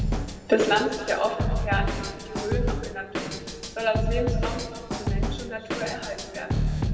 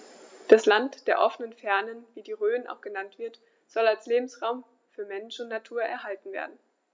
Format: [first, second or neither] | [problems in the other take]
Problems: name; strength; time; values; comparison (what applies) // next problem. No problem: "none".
second | background sound (Drum kit); 1 dB above the speech // room echo; dies away in 2.4 s